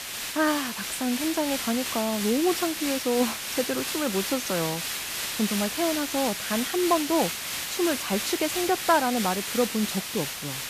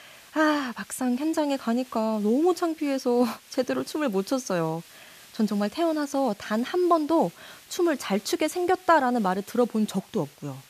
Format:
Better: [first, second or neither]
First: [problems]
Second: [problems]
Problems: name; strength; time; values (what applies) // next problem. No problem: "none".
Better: second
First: hiss; loud; throughout; 2 dB below the speech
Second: hiss; faint; throughout; 25 dB below the speech